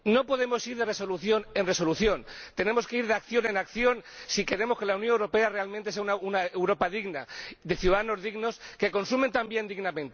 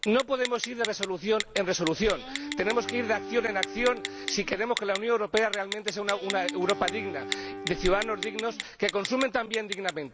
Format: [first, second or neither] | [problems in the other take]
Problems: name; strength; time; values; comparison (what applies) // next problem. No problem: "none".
first | background sound (Guitar + Telephone); 8 dB below the speech